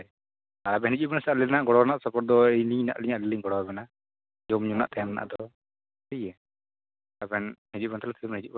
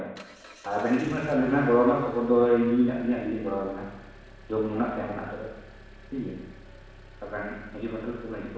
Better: first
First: none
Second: background sound (Engine); 20 dB below the speech // room echo; dies away in 1.1 s

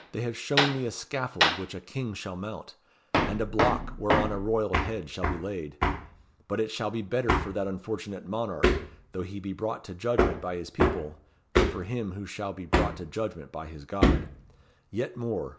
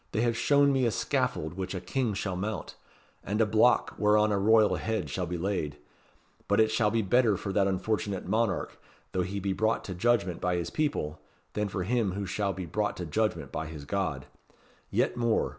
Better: second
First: background sound (Hammer); 2 dB above the speech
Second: none

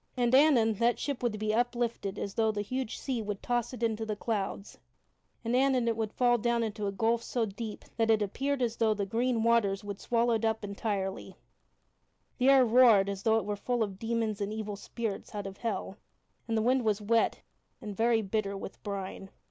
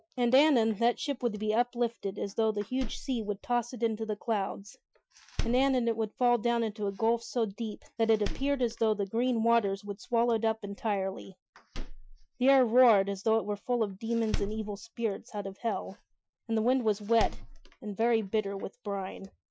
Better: first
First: none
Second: noise reduction (classical method Wiener filter)

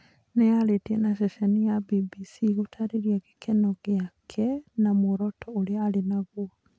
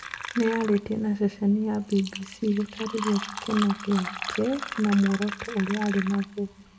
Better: first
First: none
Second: background sound (Fill (with liquid)); 11 dB below the speech // room echo; dies away in 0.4 s

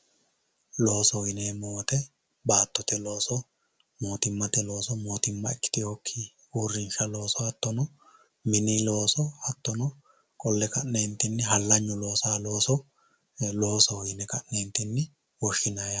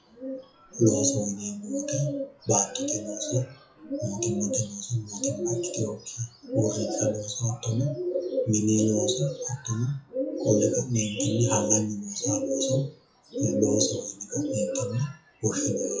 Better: first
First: none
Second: noise reduction (classical method WPE with log-MMSE)

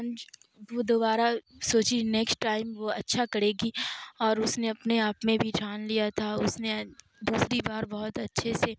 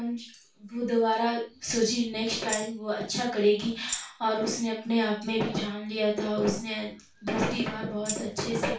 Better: first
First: none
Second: background sound (Tambourine); 9 dB below the speech // room echo; dies away in 0.3 s

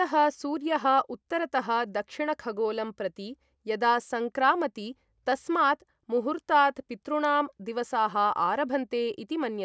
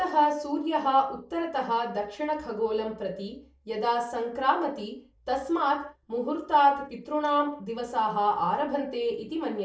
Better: first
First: none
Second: room echo; dies away in 0.3 s

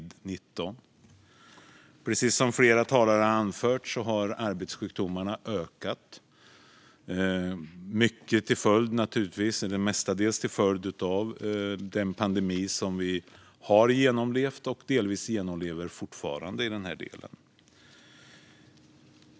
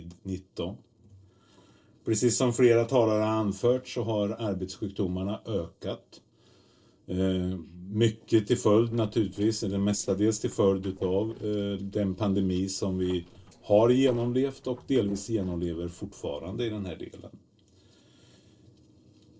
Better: first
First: none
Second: noise reduction (neural separator model SepFormer DNS4)

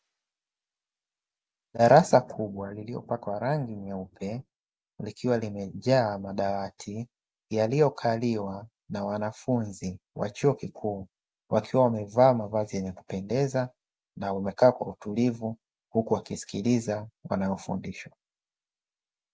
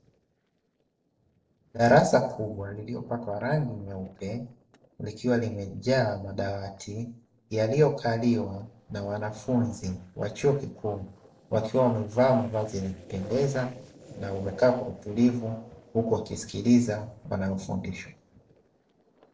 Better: first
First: none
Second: noise reduction (neural separator model SepFormer DNS4)

